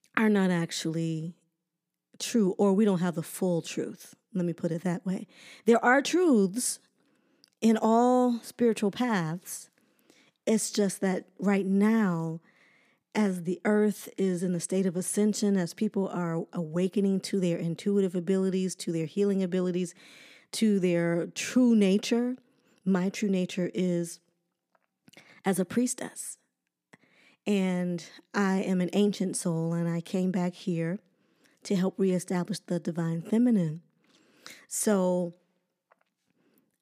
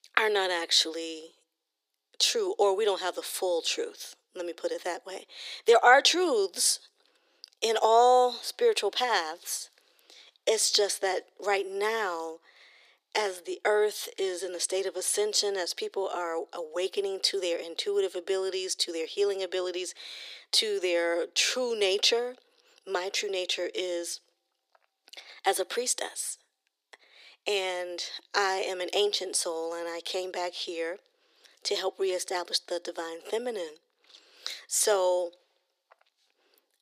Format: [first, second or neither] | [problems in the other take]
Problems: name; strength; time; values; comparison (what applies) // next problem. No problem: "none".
first | thin; very; fading below 400 Hz